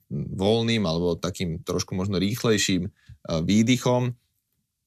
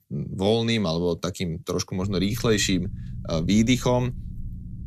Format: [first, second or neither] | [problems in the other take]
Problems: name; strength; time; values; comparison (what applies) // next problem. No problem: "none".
first | low rumble; faint; from 2 s on; 25 dB below the speech